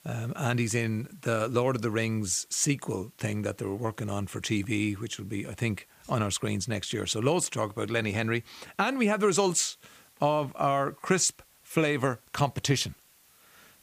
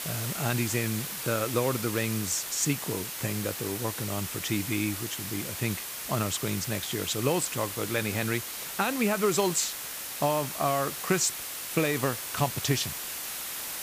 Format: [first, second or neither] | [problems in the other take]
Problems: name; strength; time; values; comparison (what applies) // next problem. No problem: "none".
first | hiss; loud; throughout; 4 dB below the speech; faint in the first